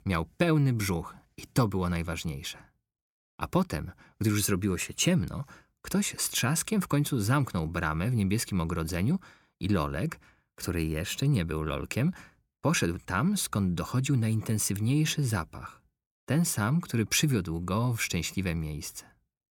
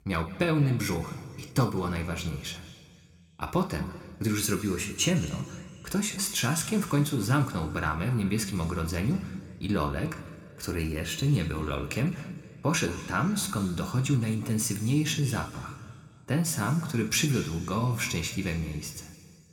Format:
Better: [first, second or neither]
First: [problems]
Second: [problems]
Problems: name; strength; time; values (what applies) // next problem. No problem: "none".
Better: first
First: none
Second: room echo; slight; dies away in 1.7 s